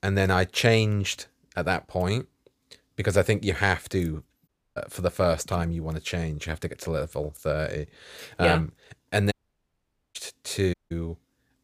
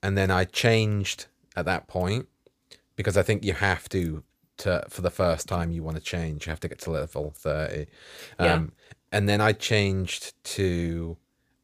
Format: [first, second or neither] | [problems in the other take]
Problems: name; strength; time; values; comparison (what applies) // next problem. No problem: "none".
second | audio cutting out; at 4.5 s, at 9.5 s for 1 s and at 11 s